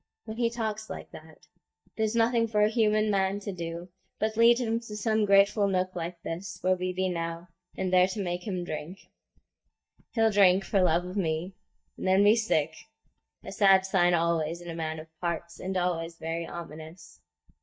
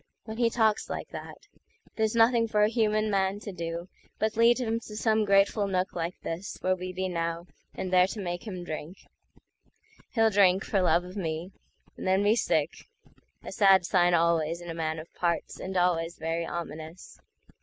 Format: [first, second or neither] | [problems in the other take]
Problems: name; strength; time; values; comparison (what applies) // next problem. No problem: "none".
second | noise reduction (neural mask model DeepFilterNet 3)